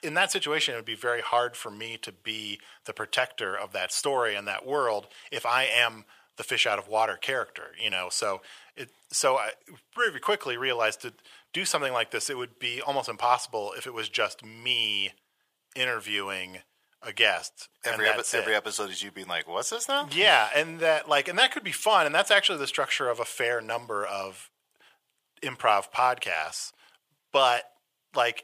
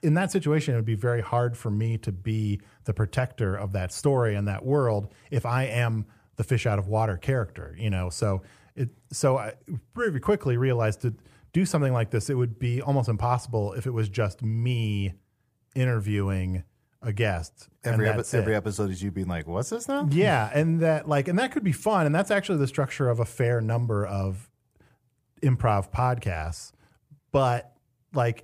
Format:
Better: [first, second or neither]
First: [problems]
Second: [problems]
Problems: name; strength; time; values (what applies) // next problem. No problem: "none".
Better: second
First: thin; very; fading below 750 Hz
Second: none